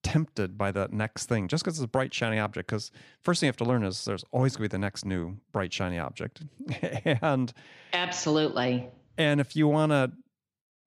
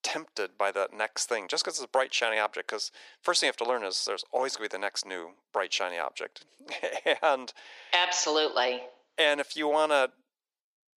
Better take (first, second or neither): first